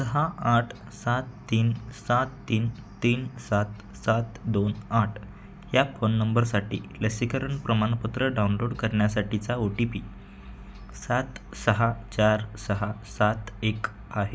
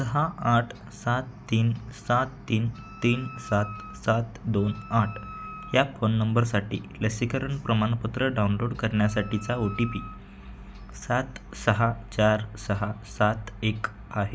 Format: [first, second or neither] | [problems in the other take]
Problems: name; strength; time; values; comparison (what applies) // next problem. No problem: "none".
first | background sound (Wind instrument, woodwind instrument); 17 dB below the speech